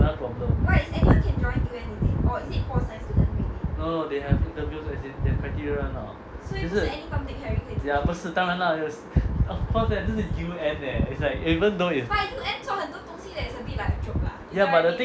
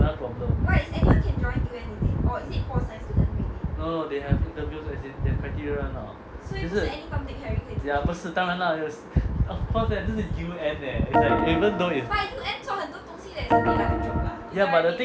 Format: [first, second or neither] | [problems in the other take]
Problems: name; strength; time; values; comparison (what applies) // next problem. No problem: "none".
first | background sound (Organ); 1 dB above the speech